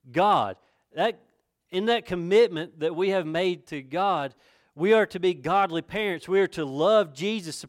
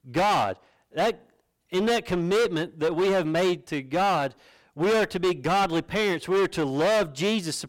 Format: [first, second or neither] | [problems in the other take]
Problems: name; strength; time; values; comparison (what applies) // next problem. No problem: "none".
first | distortion; heavy; 19% of the sound clipped